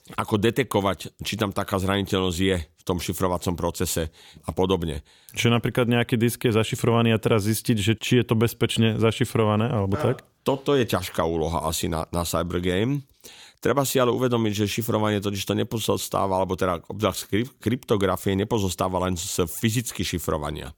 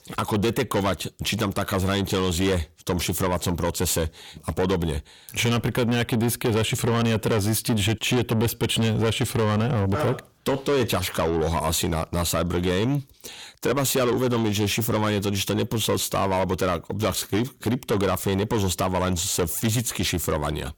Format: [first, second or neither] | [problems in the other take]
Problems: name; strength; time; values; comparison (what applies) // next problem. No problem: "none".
first | distortion; heavy; 7 dB below the speech